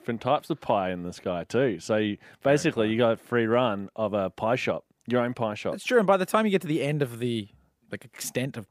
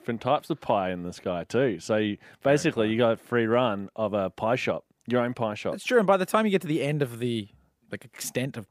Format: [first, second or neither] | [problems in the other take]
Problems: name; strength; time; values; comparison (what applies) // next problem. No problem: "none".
neither | none